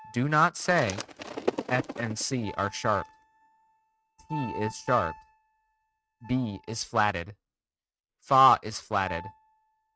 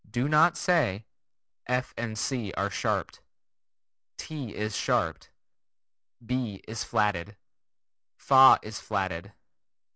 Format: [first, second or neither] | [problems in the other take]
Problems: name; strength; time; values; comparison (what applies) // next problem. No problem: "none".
second | noise reduction (neural mask model RNNoise)